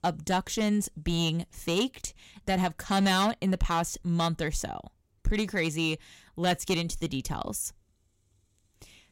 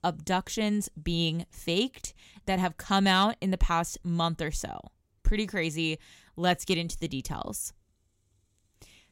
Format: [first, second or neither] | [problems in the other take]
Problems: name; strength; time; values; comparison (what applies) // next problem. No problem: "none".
second | distortion; slight; 4% of the sound clipped